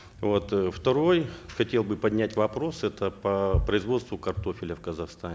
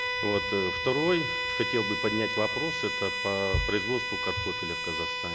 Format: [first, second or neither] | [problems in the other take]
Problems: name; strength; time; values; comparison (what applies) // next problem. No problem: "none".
first | background sound (Bowed string instrument); 1 dB below the speech